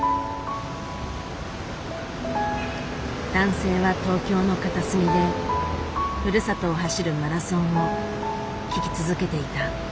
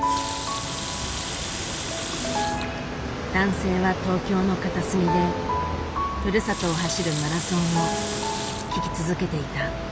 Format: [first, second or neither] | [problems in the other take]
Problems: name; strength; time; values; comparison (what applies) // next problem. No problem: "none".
first | background sound (Water tap, faucet); 11 dB below the speech